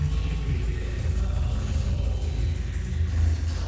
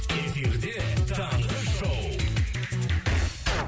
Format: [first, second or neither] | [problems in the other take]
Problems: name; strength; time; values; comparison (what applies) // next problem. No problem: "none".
second | noise reduction (neural separator model SepFormer DNS4)